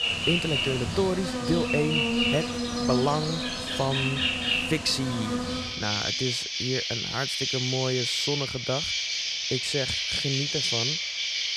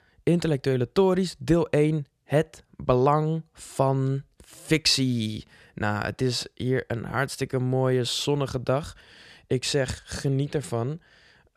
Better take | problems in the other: second | animal sounds; very loud; throughout; 3 dB above the speech

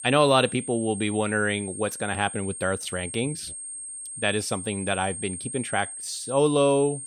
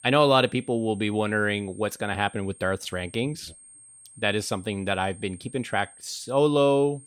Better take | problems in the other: second | high-pitched whine; loud; throughout; 8.5 kHz, 8 dB below the speech; faint in the second

